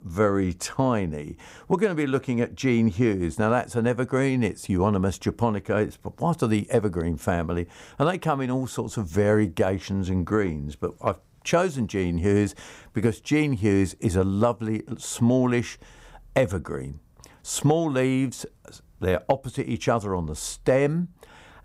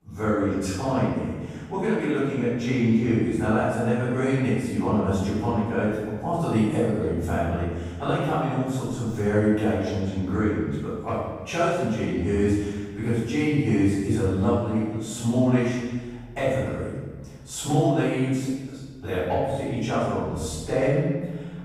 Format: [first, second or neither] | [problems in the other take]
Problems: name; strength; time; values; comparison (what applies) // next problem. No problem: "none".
first | off-mic speech; far // room echo; strong; dies away in 1.3 s